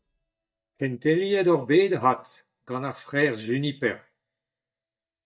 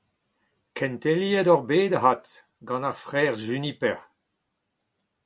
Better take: second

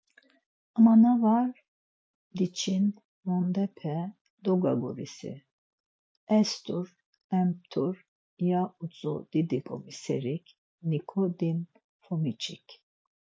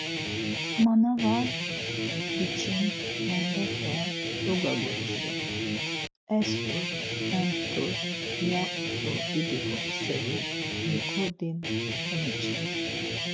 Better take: first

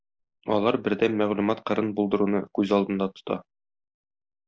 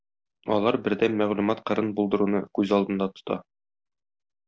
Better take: second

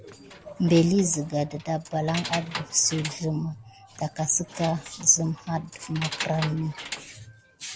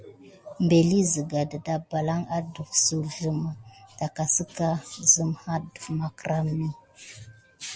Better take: second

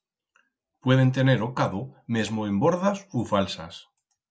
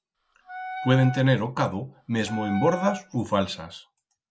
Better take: first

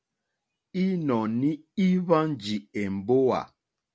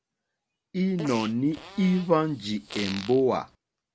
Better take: first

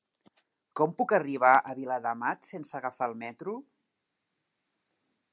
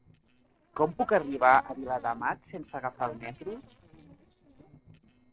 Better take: first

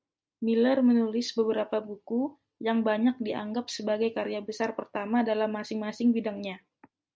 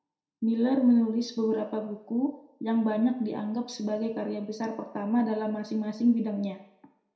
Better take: first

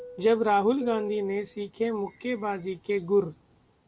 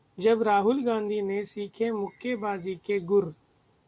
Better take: second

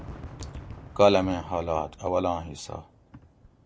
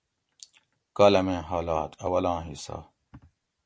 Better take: second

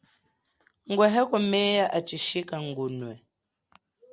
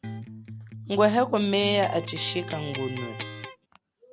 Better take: first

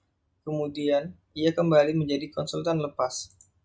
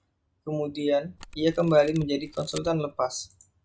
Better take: first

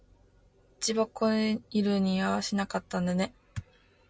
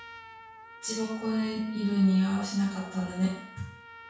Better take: first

